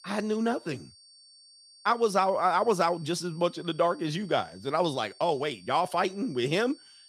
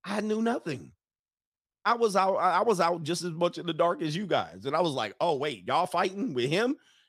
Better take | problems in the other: second | high-pitched whine; faint; throughout; 4.5 kHz, 25 dB below the speech

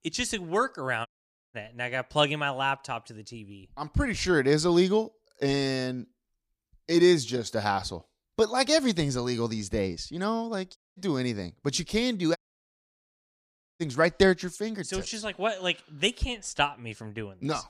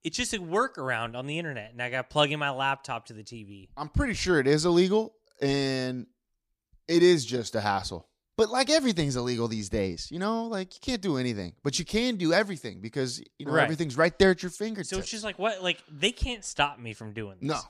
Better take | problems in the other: second | audio cutting out; at 1 s, at 11 s and at 12 s for 1.5 s

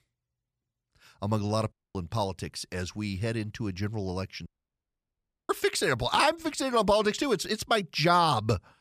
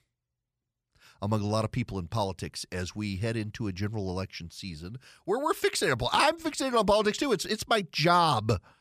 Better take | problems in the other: second | audio cutting out; at 1.5 s and at 4.5 s for 1 s

